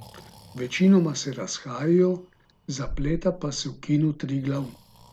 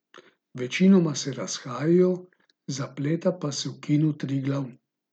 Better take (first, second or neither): second